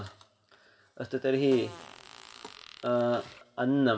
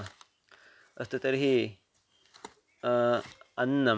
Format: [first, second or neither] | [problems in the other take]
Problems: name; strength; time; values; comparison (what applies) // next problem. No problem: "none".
second | background sound (Fart); 19 dB below the speech // room echo; dies away in 0.7 s